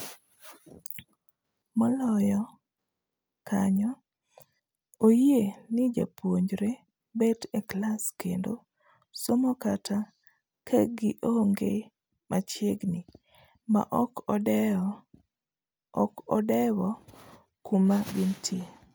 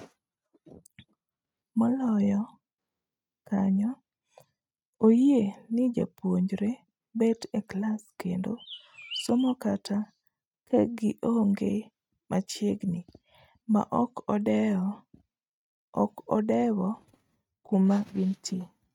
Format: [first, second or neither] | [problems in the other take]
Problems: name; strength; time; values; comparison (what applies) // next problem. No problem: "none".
first | noise reduction (neural mask model RNNoise)